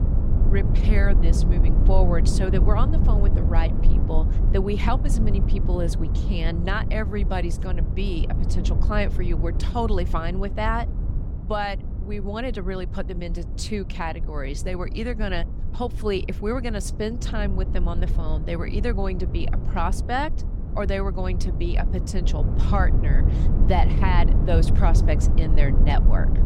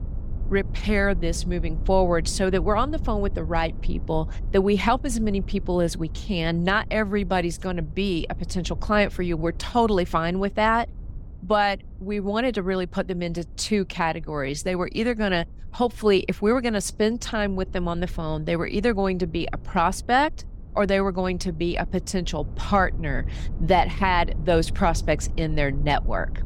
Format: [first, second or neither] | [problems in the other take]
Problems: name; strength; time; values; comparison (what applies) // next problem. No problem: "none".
second | low rumble; loud; throughout; 8 dB below the speech; faint in the second